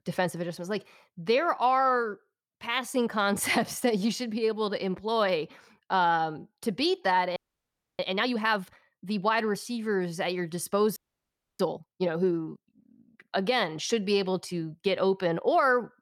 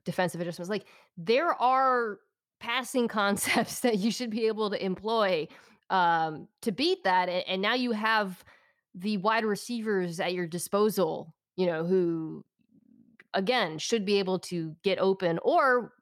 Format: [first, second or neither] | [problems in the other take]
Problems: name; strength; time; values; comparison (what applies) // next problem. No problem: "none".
second | audio freezing; at 7.5 s for 0.5 s and at 11 s for 0.5 s